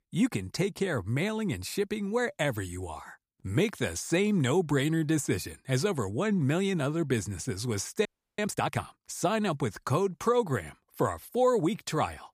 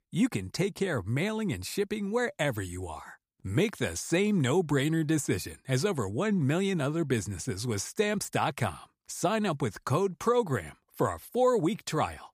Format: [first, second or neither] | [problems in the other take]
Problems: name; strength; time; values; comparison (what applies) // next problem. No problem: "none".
second | audio freezing; at 8 s